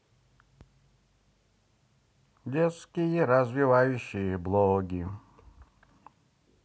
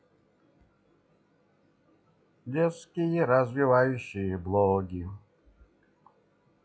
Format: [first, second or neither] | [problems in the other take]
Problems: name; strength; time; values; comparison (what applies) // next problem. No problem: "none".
first | noise reduction (classical method log-MMSE)